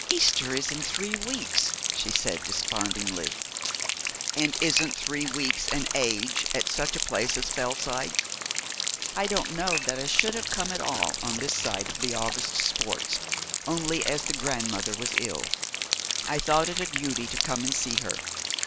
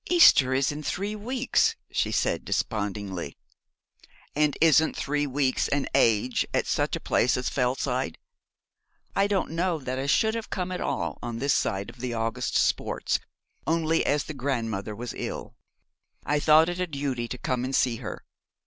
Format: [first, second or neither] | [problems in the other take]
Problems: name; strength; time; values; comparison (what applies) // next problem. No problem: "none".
second | background sound (Dishes, pots, and pans / Glass + Rain); 1 dB above the speech